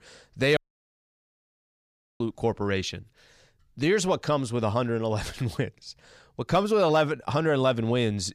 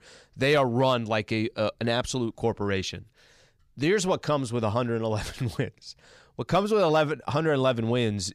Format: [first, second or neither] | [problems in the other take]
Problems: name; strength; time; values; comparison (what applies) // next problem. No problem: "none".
second | audio cutting out; at 0.5 s for 1.5 s